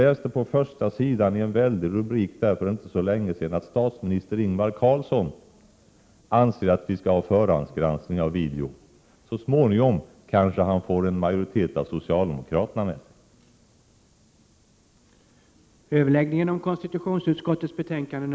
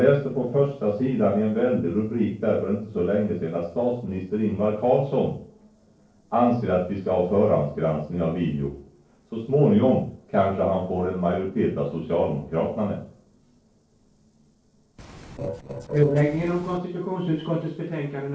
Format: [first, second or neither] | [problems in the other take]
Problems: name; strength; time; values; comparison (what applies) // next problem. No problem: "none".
first | noise reduction (neural separator model SepFormer DNS4)